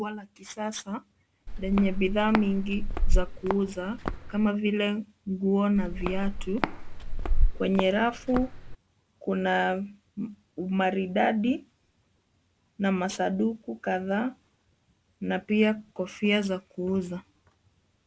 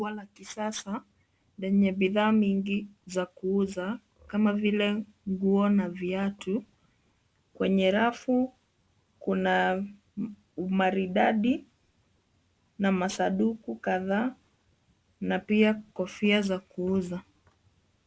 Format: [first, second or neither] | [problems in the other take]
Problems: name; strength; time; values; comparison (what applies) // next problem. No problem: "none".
second | background sound (Walk, footsteps); 2 dB above the speech